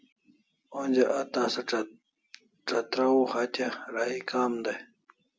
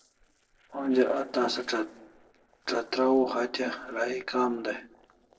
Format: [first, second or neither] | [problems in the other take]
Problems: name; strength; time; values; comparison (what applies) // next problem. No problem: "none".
first | noise reduction (neural separator model SepFormer DNS4)